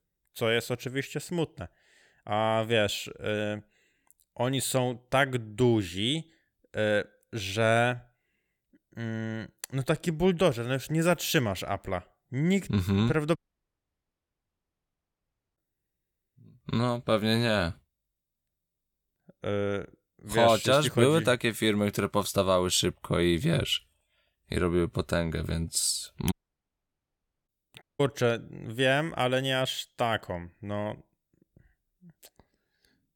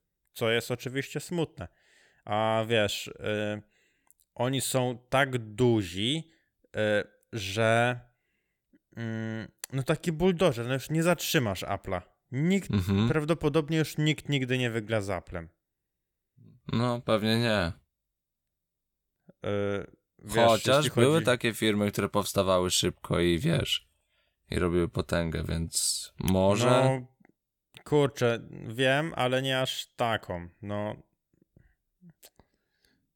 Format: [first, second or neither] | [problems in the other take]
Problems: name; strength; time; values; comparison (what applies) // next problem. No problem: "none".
second | audio cutting out; at 13 s for 2 s, at 26 s for 1 s and at 28 s